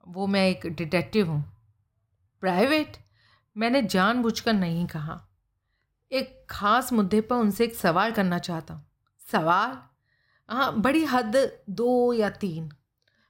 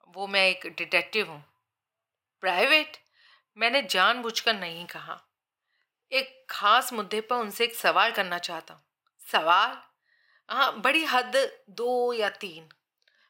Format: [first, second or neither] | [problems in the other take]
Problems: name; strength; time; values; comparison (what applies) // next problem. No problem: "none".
first | thin; very; fading below 550 Hz